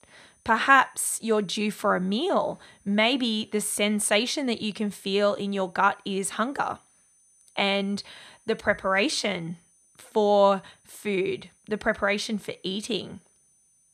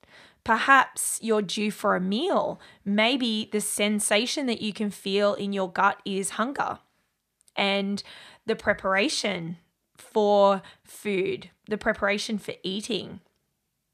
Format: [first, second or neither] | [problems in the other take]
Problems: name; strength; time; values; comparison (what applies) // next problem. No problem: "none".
second | high-pitched whine; faint; throughout; 9 kHz, 35 dB below the speech